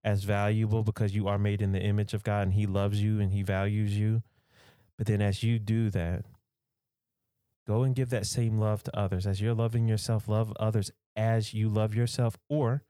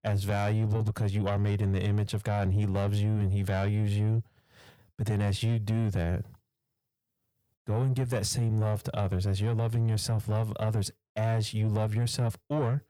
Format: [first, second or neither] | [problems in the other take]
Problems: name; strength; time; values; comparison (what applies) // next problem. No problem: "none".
first | distortion; slight; 10 dB below the speech